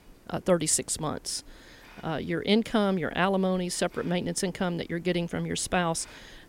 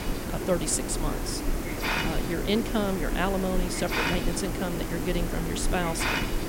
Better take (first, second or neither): first